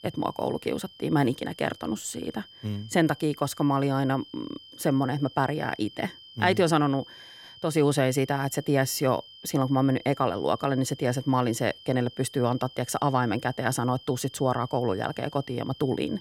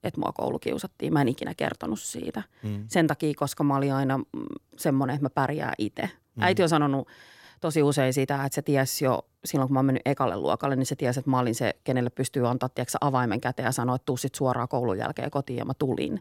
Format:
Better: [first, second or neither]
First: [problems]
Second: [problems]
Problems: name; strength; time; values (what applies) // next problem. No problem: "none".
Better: second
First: high-pitched whine; noticeable; throughout; 3 kHz, 20 dB below the speech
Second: none